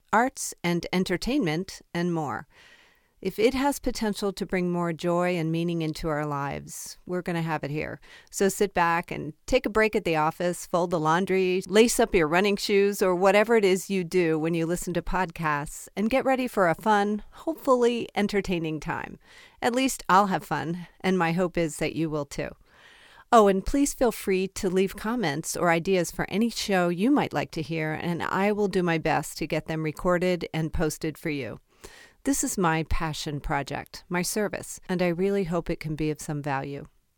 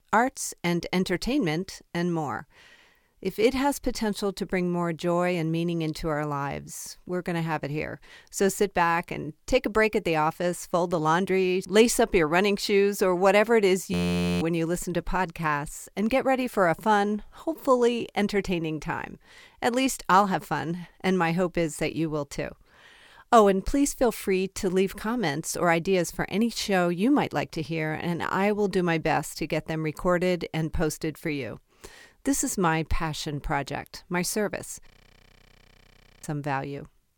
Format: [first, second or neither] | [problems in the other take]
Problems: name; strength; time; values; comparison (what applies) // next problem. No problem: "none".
first | audio freezing; at 14 s and at 35 s for 1.5 s